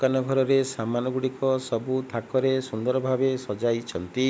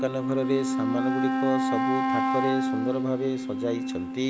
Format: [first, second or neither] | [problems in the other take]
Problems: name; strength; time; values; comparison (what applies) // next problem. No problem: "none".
first | background sound (Wind instrument, woodwind instrument); 3 dB above the speech